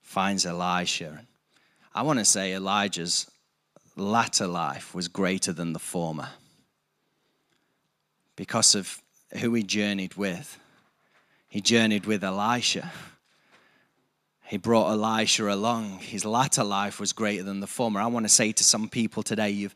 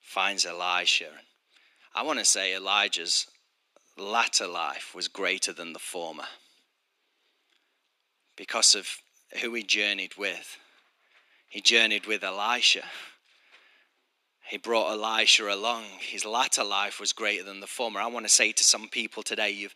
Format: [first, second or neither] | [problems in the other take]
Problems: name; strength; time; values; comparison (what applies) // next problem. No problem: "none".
first | thin; somewhat; fading below 300 Hz